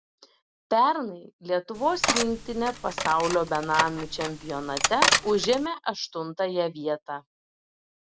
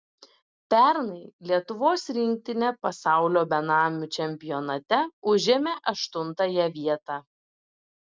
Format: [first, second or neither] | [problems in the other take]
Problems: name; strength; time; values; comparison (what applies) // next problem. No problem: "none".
second | background sound (Cutlery, silverware); 1 dB below the speech